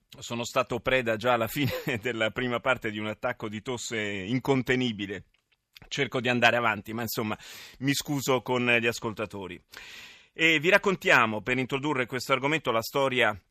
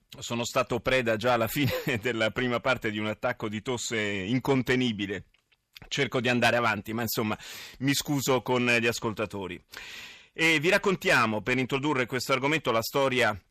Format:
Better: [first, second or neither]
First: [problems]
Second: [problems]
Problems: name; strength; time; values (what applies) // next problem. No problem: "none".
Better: first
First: none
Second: distortion; slight; 10 dB below the speech